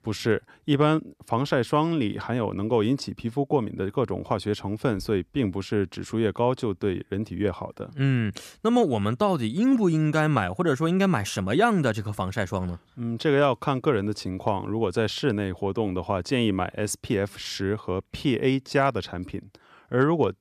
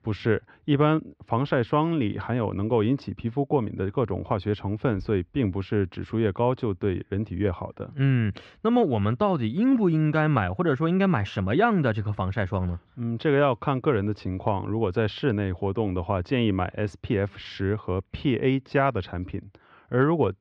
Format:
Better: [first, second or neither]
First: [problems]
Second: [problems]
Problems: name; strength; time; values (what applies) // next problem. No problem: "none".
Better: first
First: none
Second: muffled; slightly; fading above 3 kHz